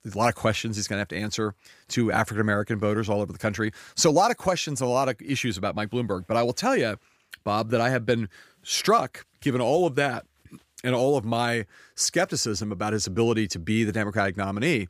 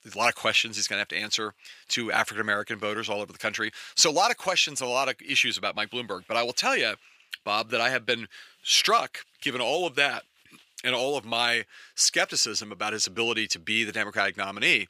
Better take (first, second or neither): first